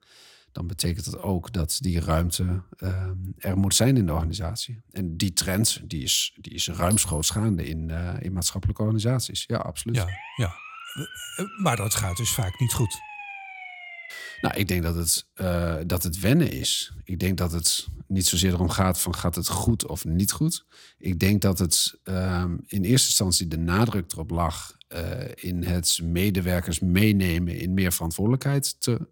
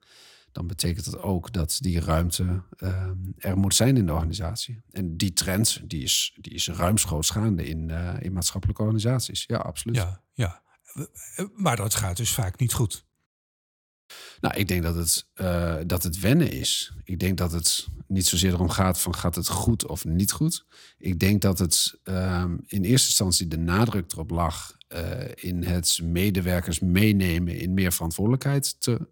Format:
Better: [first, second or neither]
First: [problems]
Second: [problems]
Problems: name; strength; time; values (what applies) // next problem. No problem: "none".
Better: second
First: clattering dishes; noticeable; at 7 s; peak 4 dB below the speech // siren; faint; from 10 to 15 s; peak 10 dB below the speech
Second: none